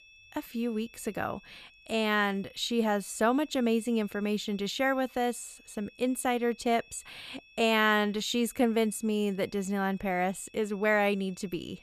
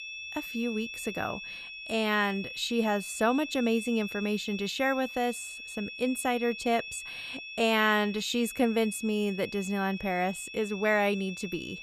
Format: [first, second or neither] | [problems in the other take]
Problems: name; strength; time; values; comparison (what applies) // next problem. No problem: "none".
first | high-pitched whine; loud; throughout; 2.5 kHz, 10 dB below the speech; faint in the first